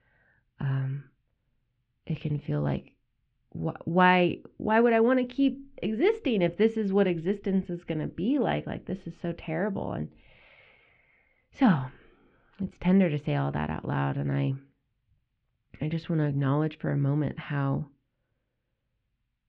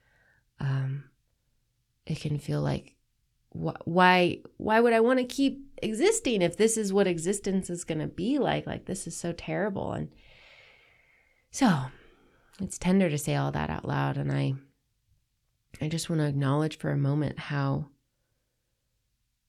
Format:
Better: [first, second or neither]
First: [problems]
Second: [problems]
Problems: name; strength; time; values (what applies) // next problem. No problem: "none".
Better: second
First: muffled; very; fading above 3 kHz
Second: none